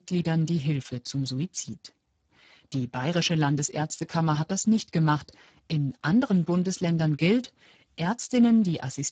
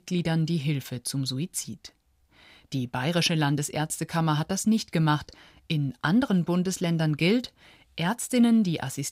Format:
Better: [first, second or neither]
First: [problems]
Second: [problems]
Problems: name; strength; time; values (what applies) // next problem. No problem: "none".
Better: second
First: garbled, watery; badly; nothing above 7.5 kHz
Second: none